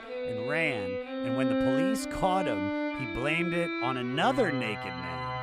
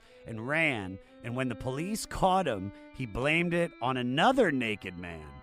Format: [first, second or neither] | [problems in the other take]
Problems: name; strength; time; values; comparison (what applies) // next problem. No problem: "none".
second | background music; loud; throughout; 1 dB below the speech; faint in the second